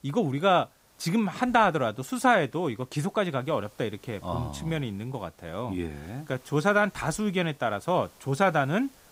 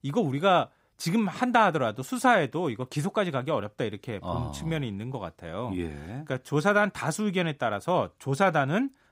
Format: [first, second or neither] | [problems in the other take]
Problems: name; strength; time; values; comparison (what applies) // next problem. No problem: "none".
second | hiss; faint; throughout; 30 dB below the speech